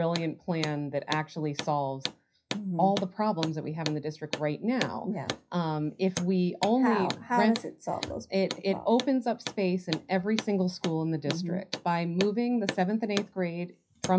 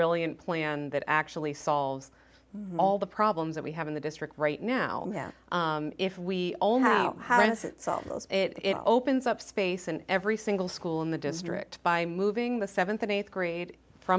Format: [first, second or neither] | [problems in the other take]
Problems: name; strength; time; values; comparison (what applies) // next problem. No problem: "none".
second | noise reduction (classical method WPE with log-MMSE)